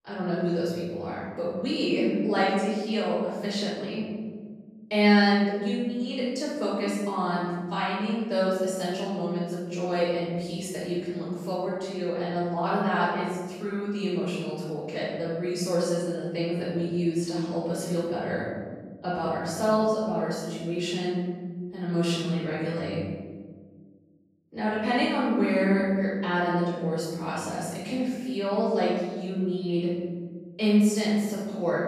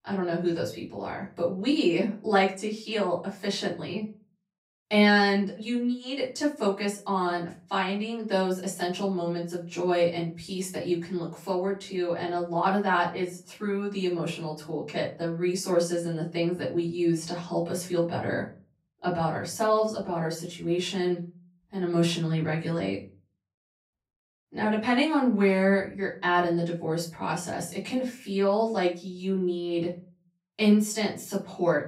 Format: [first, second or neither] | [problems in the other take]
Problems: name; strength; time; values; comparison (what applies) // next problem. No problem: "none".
second | room echo; strong; dies away in 1.8 s; slight in the second // off-mic speech; far; far in the second